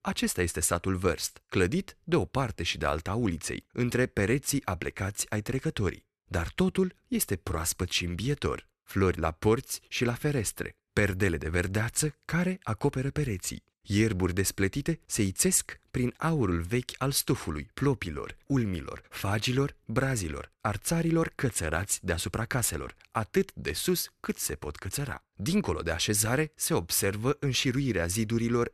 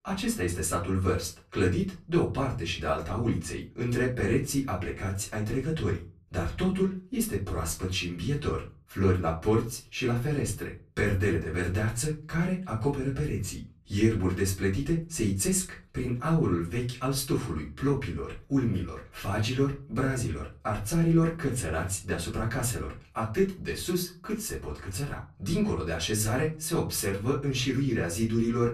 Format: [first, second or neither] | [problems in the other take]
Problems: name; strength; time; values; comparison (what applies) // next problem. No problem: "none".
first | off-mic speech; far // room echo; very slight; dies away in 0.3 s